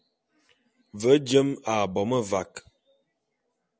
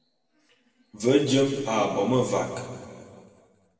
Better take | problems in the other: first | room echo; dies away in 2.1 s

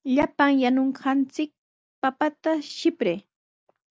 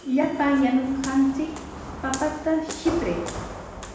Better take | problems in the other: first | background sound (Walk, footsteps); 11 dB below the speech // room echo; dies away in 0.9 s

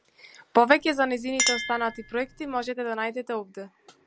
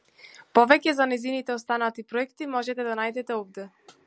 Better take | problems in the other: second | background sound (Chink, clink); 8 dB below the speech

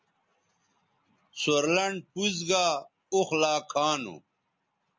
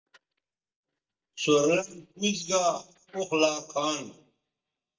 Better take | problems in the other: first | noise reduction (neural mask model DeepFilterNet 3)

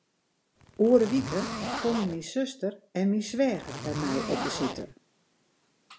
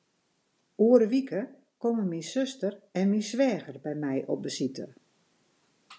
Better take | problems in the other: second | background sound (Zipper (clothing)); 7 dB below the speech

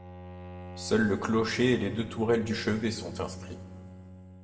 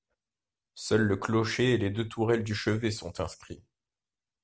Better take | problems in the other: second | background sound (Bowed string instrument); 13 dB below the speech // room echo; dies away in 1.3 s

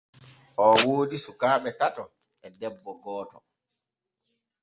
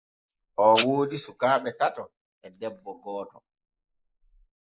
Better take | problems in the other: first | noise reduction (neural mask model Resemble Enhance denoiser)

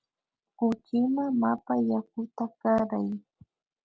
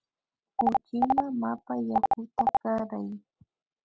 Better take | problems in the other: first | background sound (Telephone); 4 dB above the speech

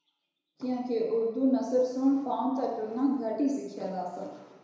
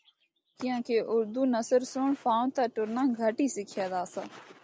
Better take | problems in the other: second | room echo; dies away in 1 s

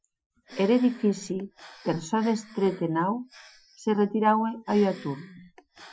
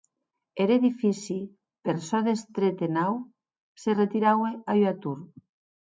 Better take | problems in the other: second | noise reduction (classical method Wiener filter)

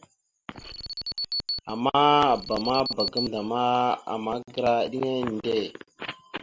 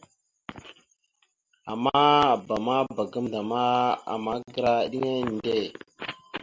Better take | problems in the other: second | background sound (Alarm); 7 dB below the speech

